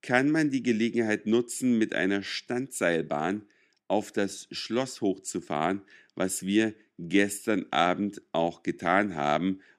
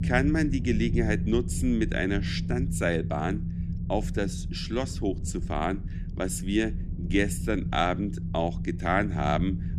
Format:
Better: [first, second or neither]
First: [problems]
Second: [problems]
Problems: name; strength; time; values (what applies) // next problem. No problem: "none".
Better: first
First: none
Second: low rumble; noticeable; throughout; 15 dB below the speech